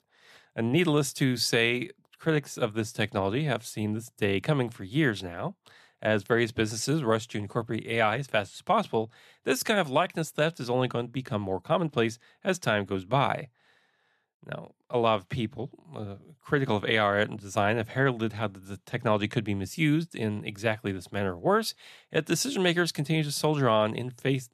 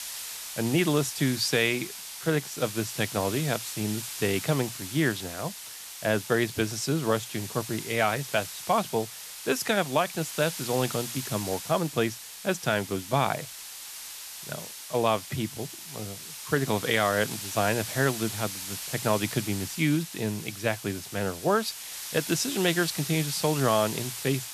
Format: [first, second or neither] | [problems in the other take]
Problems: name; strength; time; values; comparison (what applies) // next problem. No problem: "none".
first | hiss; loud; throughout; 8 dB below the speech